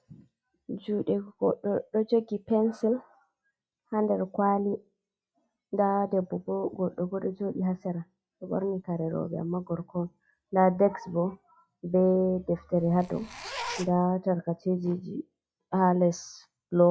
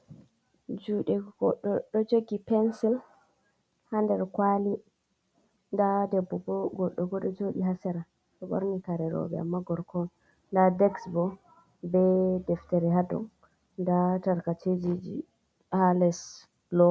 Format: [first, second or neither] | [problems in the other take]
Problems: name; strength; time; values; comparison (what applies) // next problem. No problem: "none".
second | noise reduction (classical method log-MMSE)